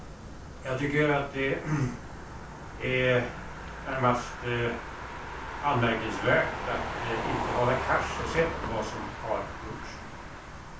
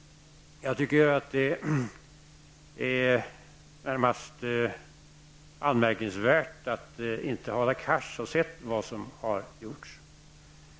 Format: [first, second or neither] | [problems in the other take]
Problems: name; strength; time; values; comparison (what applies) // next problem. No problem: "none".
second | background sound (Motor vehicle (road)); 7 dB below the speech // room echo; dies away in 0.3 s